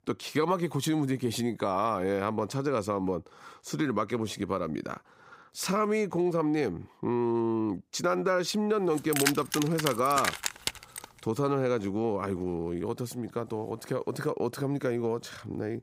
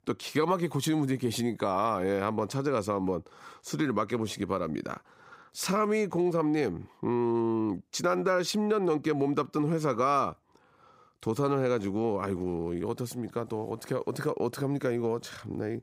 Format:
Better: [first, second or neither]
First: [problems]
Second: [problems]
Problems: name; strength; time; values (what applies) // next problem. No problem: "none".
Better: second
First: jangling keys; loud; from 9 to 11 s; peak 1 dB above the speech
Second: none